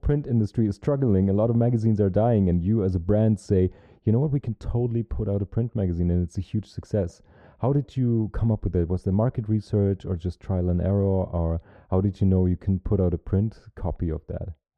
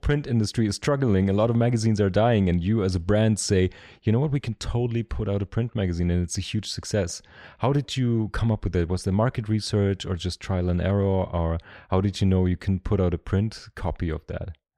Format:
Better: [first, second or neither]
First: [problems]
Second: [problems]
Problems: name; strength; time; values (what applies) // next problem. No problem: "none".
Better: second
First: muffled; very; fading above 1 kHz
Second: none